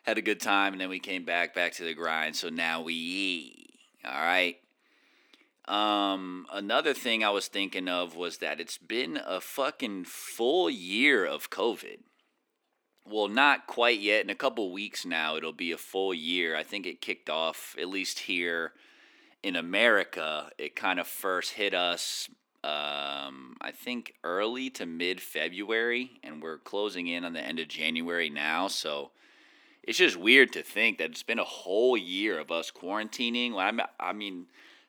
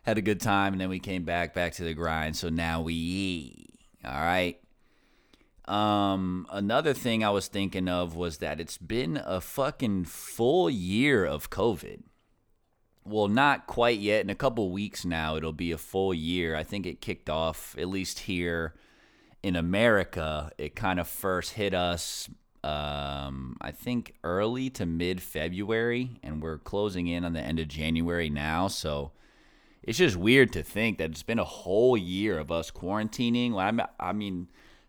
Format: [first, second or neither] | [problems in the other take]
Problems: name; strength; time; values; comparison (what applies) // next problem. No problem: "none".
second | thin; very slightly; fading below 300 Hz